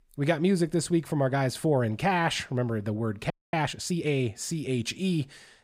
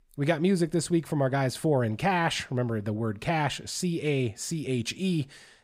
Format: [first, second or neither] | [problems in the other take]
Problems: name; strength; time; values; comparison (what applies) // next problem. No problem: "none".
second | audio freezing; at 3.5 s